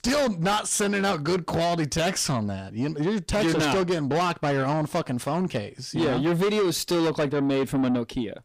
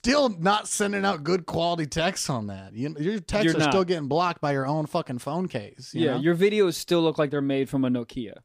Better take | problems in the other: second | distortion; heavy; 8 dB below the speech

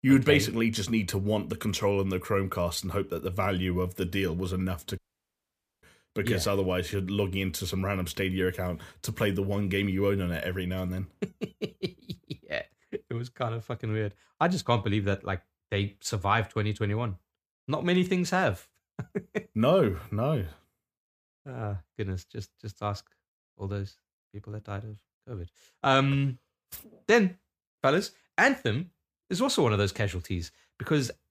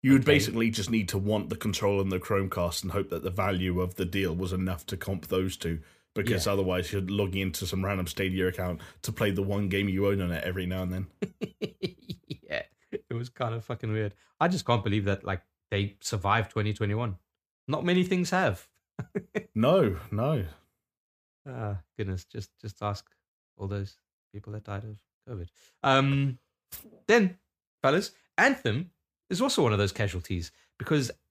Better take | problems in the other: second | audio cutting out; at 5 s for 1 s

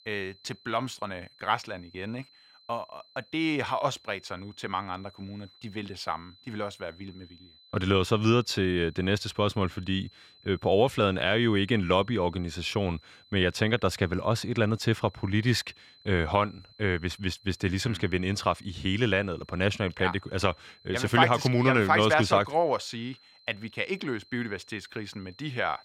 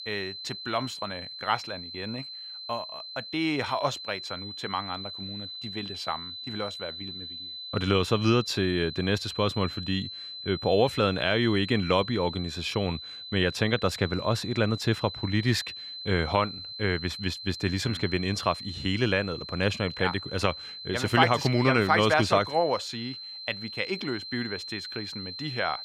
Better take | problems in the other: first | high-pitched whine; loud; throughout; 4 kHz, 9 dB below the speech; faint in the first

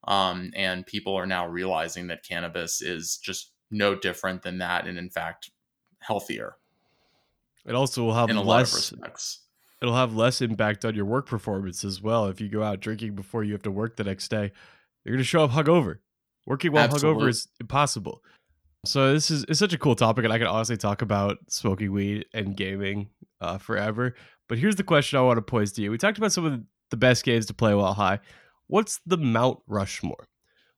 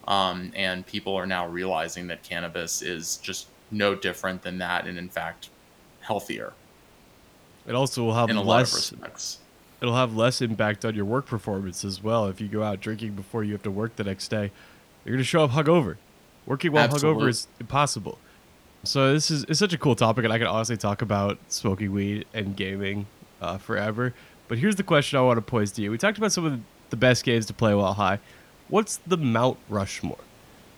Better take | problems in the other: first | hiss; faint; throughout; 30 dB below the speech

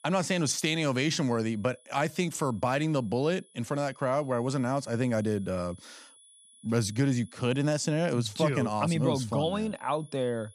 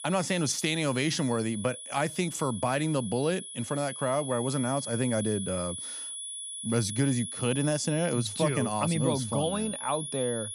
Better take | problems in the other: first | high-pitched whine; loud; throughout; 10.5 kHz, 7 dB below the speech; faint in the first

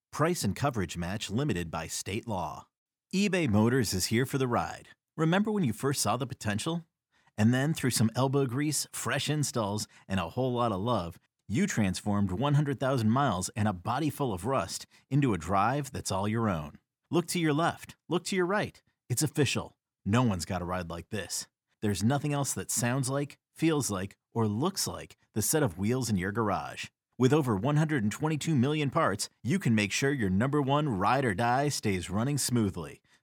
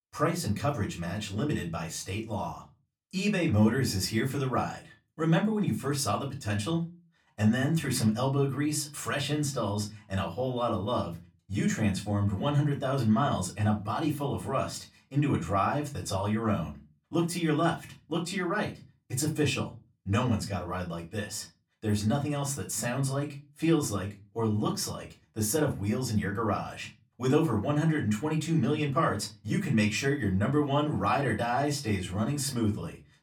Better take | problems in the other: first | off-mic speech; far // room echo; very slight; dies away in 0.2 s

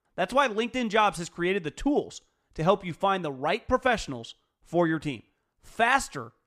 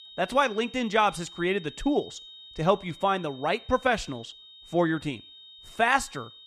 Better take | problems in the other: first | high-pitched whine; noticeable; throughout; 3.5 kHz, 20 dB below the speech

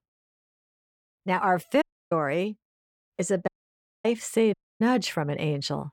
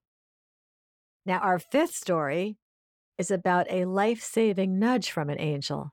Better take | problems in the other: second | audio cutting out; at 2 s, at 3.5 s for 0.5 s and at 4.5 s

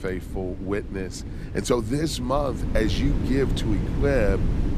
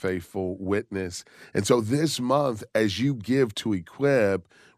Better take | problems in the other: second | wind noise on the microphone; occasional gusts; 10 dB below the speech

